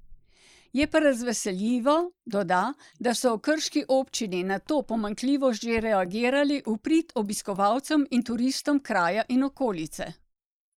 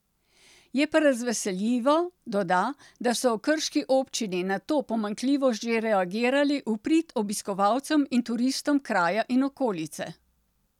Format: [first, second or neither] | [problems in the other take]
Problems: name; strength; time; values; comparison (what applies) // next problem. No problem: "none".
second | noise reduction (neural mask model Resemble Enhance denoiser)